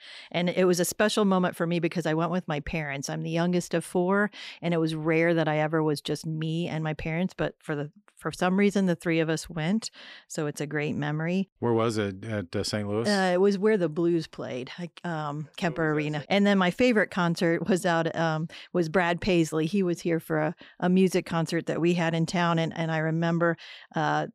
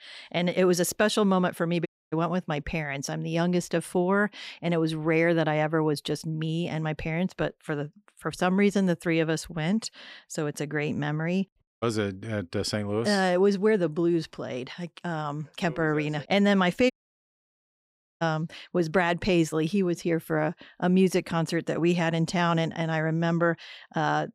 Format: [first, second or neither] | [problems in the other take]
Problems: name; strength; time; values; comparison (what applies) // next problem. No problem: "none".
first | audio cutting out; at 2 s, at 12 s and at 17 s for 1.5 s